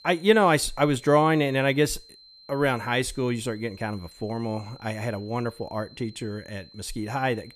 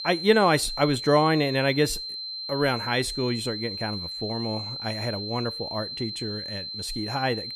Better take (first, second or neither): first